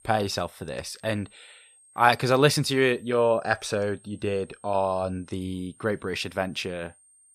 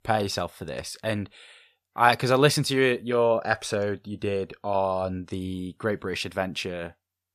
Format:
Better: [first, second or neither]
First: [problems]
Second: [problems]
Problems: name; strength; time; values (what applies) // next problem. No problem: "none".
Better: second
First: high-pitched whine; faint; throughout; 8.5 kHz, 30 dB below the speech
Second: none